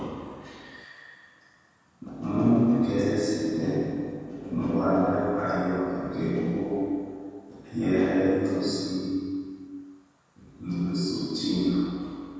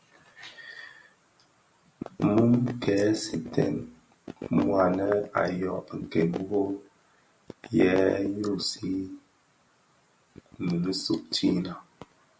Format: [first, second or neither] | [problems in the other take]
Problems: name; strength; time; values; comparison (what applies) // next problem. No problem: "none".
second | room echo; dies away in 2.1 s